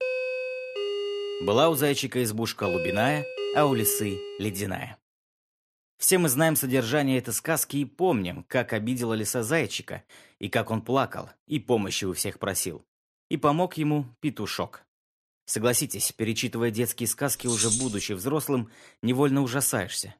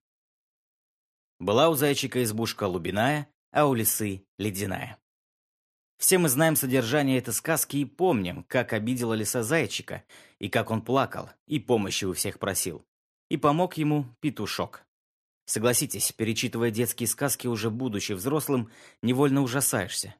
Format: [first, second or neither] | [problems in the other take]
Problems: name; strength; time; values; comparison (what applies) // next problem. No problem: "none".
second | doorbell; noticeable; until 4.5 s; peak 2 dB below the speech // jangling keys; loud; at 17 s; peak 2 dB above the speech